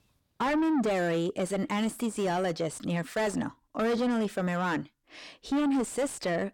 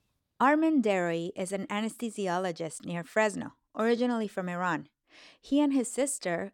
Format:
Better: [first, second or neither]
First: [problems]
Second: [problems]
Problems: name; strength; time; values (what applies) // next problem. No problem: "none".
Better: second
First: distortion; heavy; 6 dB below the speech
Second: none